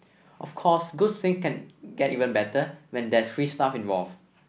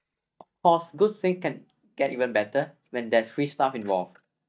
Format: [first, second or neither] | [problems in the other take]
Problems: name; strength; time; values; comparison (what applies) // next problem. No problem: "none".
first | noise reduction (neural mask model DeepFilterNet 3)